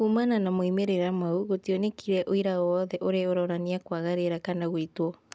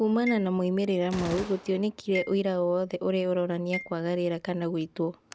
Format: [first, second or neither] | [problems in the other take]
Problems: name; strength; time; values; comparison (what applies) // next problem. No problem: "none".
first | background sound (Gunshot, gunfire + Marimba, xylophone); 15 dB below the speech